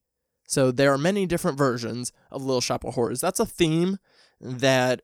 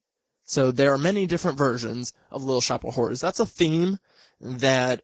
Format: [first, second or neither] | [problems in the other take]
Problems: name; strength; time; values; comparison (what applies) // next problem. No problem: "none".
first | garbled, watery; badly; nothing above 7 kHz